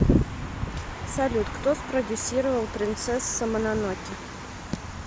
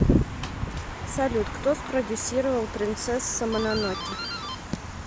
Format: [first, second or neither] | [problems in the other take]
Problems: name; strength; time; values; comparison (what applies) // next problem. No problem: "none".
first | background sound (Doorbell); 14 dB below the speech